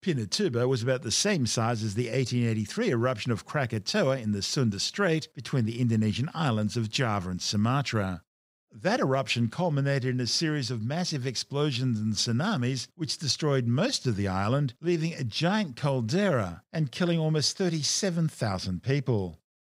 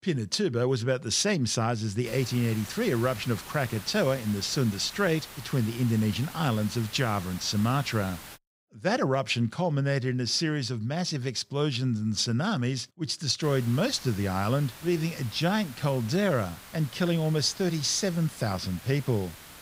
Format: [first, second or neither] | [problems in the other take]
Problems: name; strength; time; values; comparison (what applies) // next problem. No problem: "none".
first | hiss; noticeable; from 2 to 8.5 s and from 13 s on; 15 dB below the speech